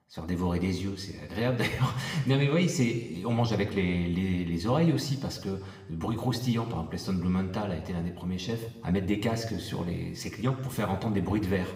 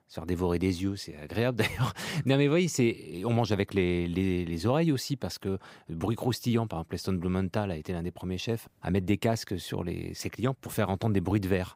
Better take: second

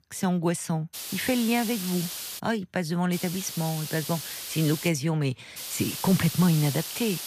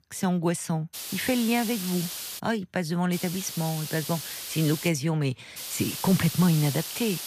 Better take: neither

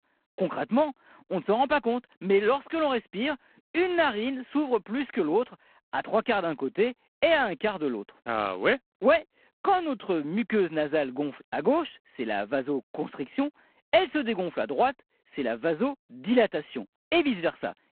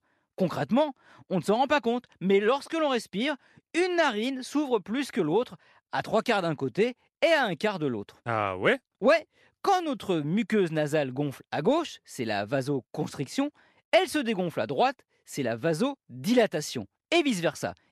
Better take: second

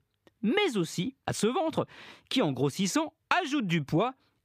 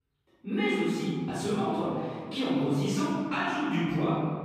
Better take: first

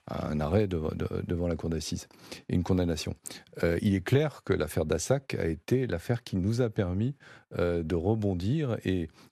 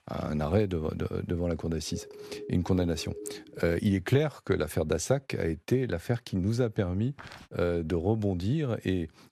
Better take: first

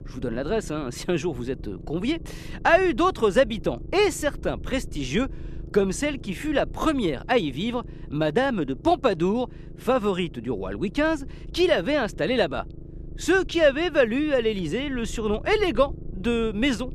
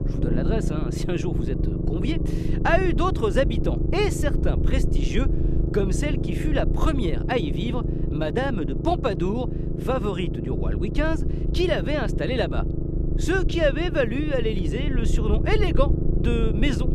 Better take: first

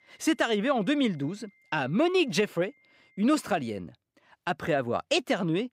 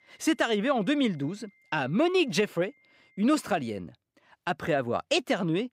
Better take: neither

